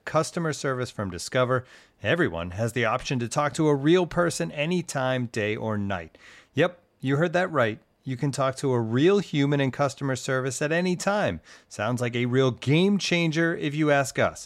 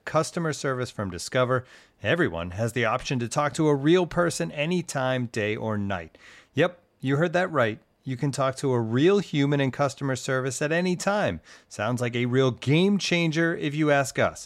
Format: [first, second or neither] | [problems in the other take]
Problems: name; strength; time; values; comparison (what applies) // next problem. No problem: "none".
neither | none